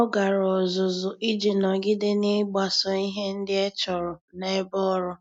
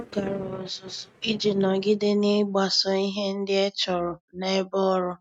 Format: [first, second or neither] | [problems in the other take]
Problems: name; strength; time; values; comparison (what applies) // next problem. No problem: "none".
first | noise reduction (neural mask model RNNoise)